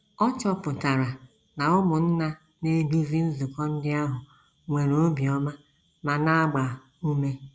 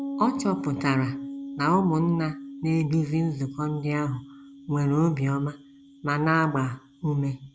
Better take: first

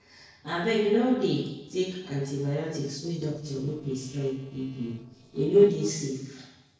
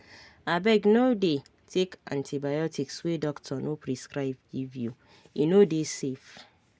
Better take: second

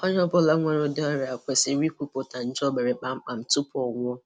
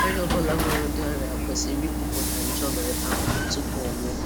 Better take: first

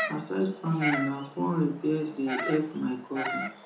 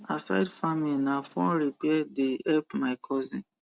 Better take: second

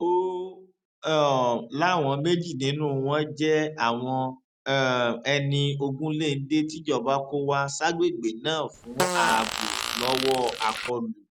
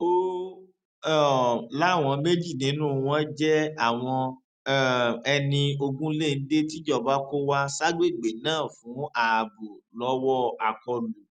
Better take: second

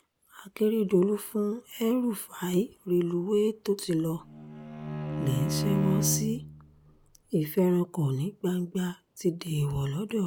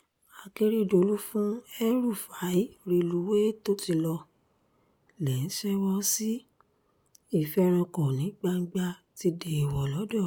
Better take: second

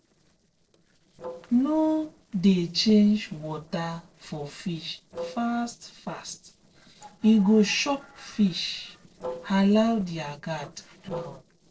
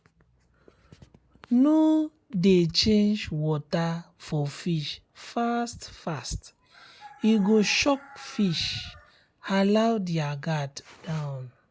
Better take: second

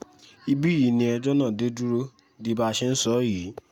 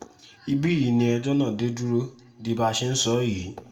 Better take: first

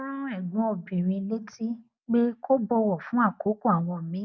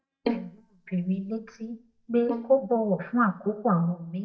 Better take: first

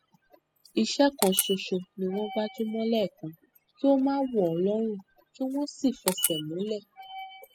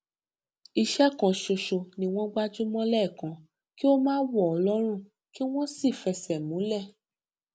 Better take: second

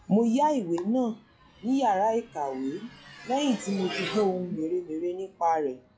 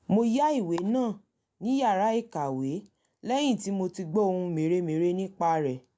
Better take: second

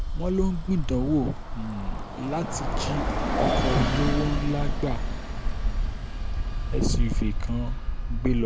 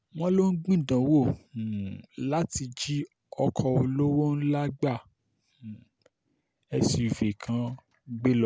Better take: second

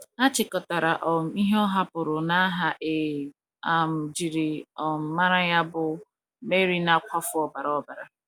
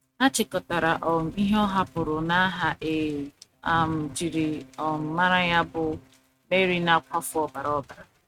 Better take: first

